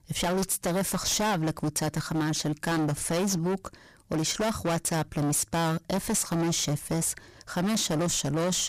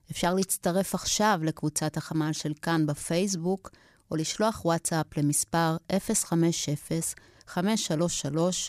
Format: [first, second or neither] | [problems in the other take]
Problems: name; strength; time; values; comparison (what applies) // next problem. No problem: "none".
second | distortion; heavy; 26% of the sound clipped